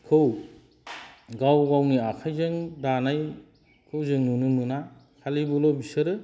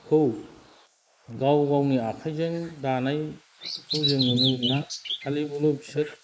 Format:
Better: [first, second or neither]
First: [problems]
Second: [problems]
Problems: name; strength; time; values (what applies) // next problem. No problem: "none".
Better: first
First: none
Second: noise reduction (neural mask model Resemble Enhance denoiser)